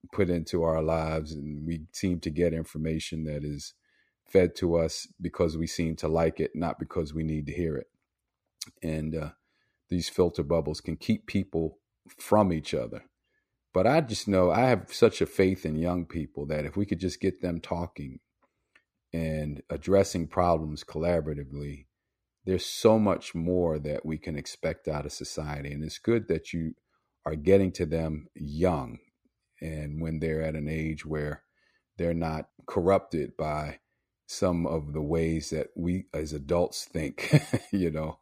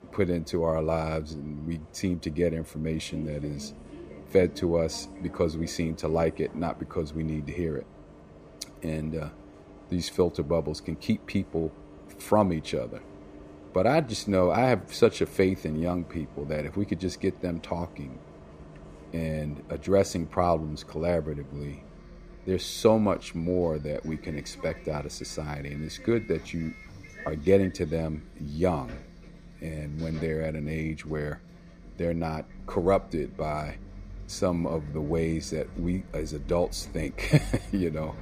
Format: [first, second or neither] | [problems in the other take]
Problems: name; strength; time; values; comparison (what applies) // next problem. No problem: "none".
first | traffic noise; noticeable; throughout; 20 dB below the speech